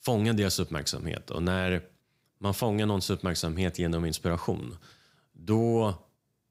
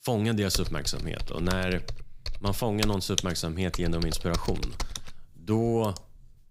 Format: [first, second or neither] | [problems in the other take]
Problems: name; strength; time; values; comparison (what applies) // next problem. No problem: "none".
first | keyboard typing; noticeable; from 0.5 to 6 s; peak 2 dB below the speech